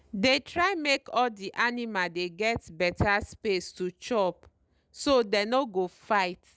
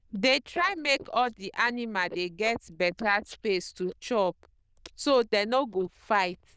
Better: first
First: none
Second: noise reduction (neural diffusion model UNIVERSE++)

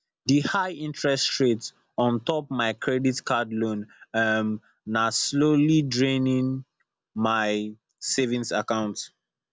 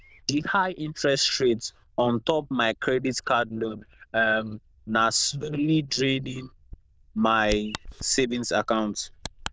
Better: first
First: none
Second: noise reduction (neural diffusion model UNIVERSE++)

